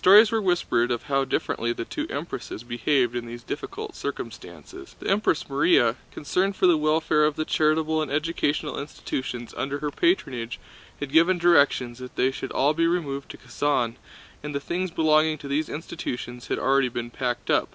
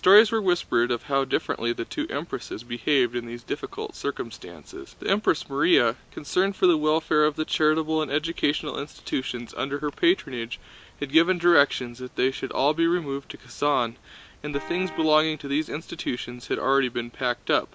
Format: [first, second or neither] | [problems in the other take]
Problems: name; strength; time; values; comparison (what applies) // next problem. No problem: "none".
first | background sound (Vehicle horn, car horn, honking); 17 dB below the speech